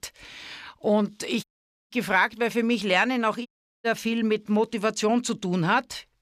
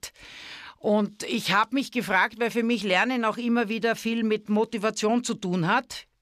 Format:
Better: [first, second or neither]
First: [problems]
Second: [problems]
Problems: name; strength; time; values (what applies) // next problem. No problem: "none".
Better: second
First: audio cutting out; at 1.5 s and at 3.5 s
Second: none